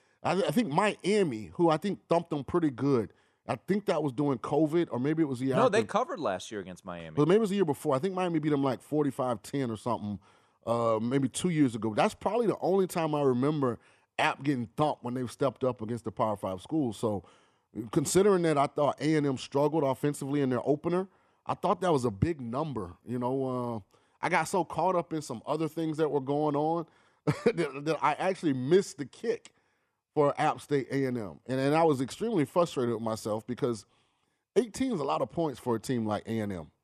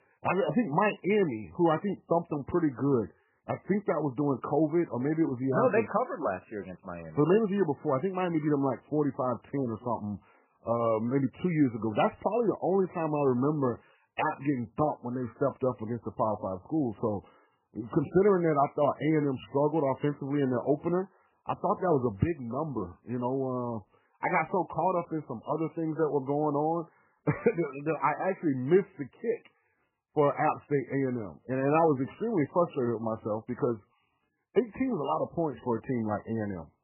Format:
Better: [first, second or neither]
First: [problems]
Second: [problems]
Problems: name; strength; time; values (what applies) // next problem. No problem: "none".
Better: first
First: none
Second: garbled, watery; badly; nothing above 3 kHz